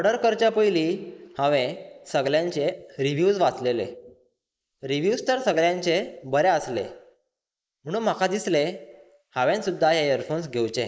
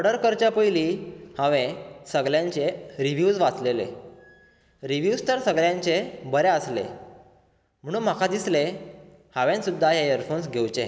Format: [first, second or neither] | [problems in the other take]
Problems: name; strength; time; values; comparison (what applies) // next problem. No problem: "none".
second | noise reduction (neural mask model Resemble Enhance denoiser)